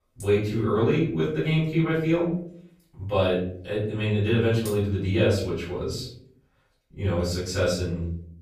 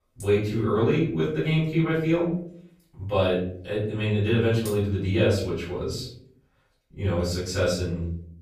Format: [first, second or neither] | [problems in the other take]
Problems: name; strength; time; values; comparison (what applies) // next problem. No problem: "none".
neither | off-mic speech; far; the same in both // room echo; noticeable; dies away in 0.6 s; the same in both